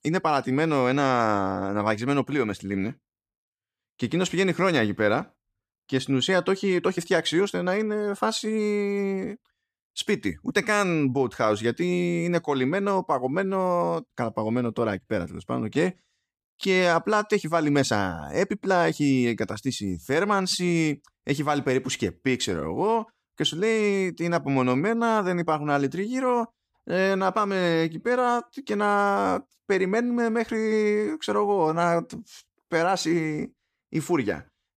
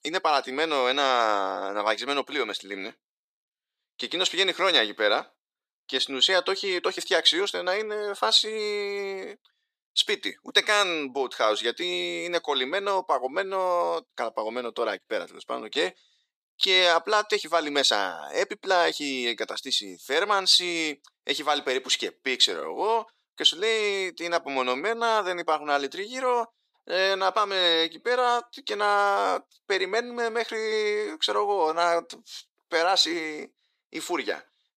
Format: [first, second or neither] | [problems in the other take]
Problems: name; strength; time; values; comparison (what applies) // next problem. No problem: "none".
first | thin; very; fading below 450 Hz